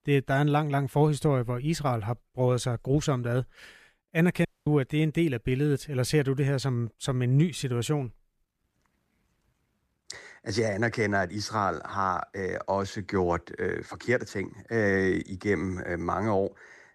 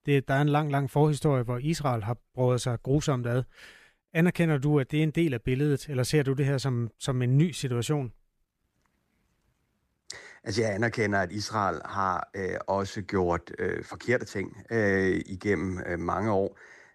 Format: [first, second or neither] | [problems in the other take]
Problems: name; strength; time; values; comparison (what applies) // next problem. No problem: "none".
second | audio cutting out; at 4.5 s